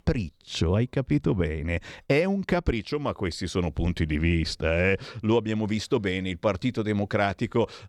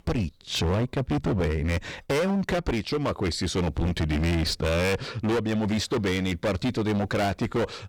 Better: first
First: none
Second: distortion; heavy; 26% of the sound clipped

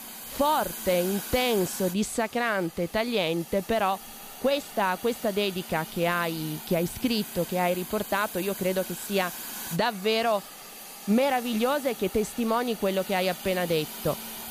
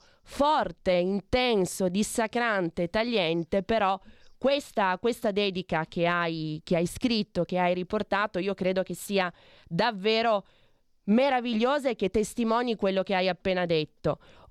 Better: second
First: hiss; noticeable; throughout; 10 dB below the speech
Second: none

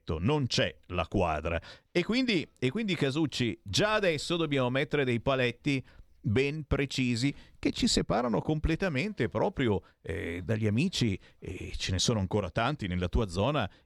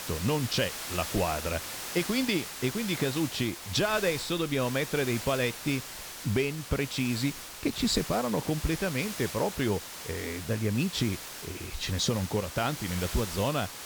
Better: first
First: none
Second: hiss; loud; throughout; 7 dB below the speech

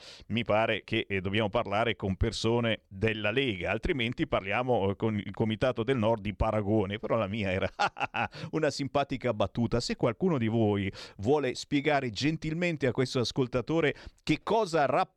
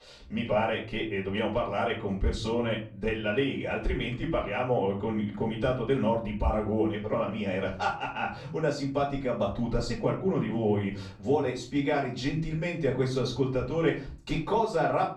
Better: first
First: none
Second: room echo; slight; dies away in 0.4 s // off-mic speech; far

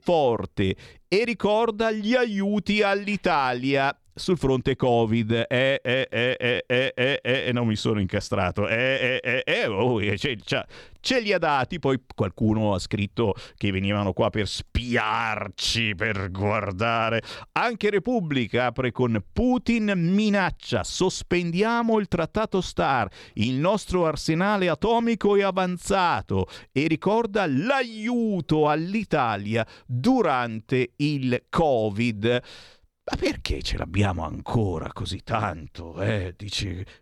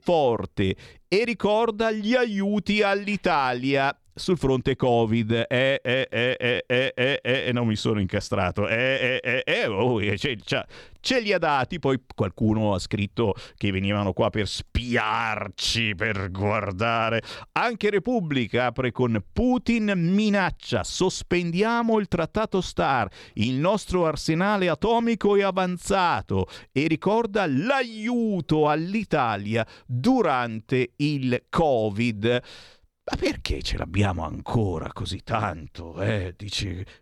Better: neither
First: none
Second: none

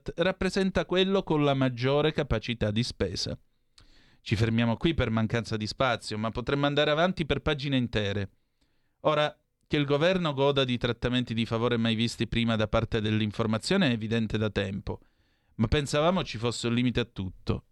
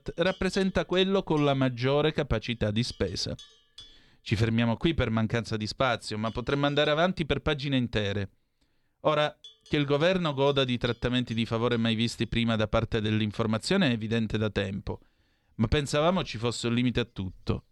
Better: first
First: none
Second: animal sounds; faint; throughout; 25 dB below the speech

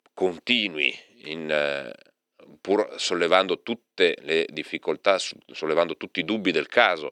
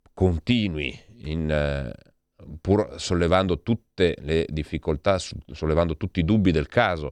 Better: second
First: thin; somewhat; fading below 300 Hz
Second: none

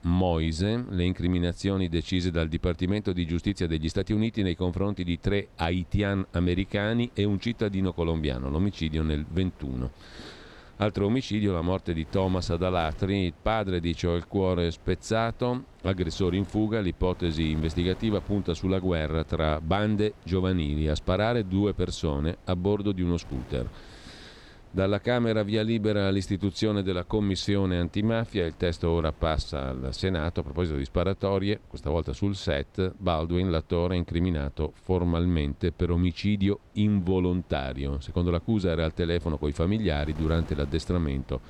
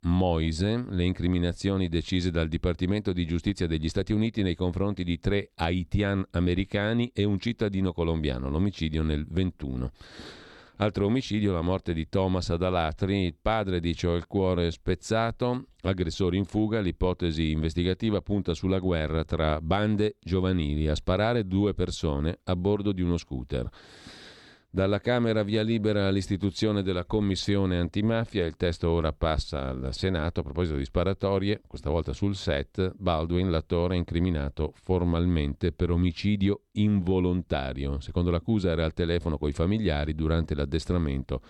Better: second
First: wind noise on the microphone; occasional gusts; 25 dB below the speech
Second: none

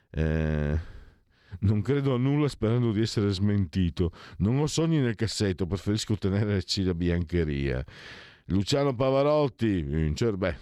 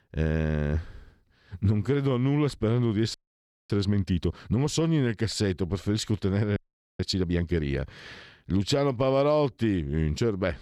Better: first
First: none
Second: audio freezing; at 3 s for 0.5 s and at 6.5 s

